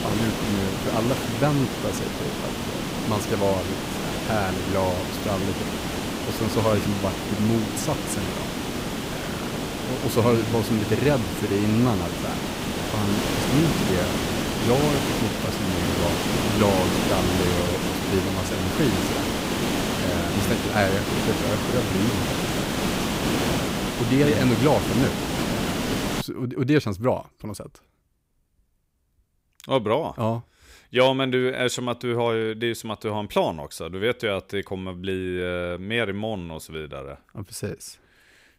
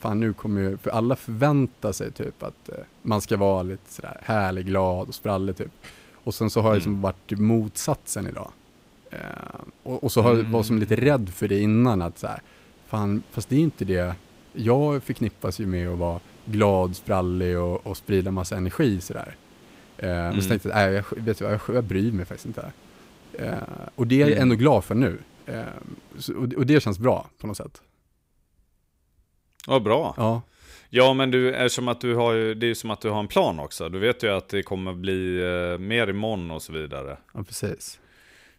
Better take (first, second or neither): second